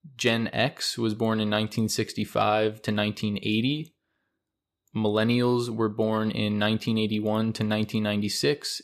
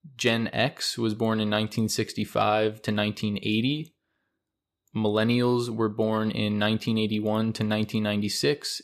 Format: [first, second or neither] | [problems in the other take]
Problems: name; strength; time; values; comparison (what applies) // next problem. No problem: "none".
neither | none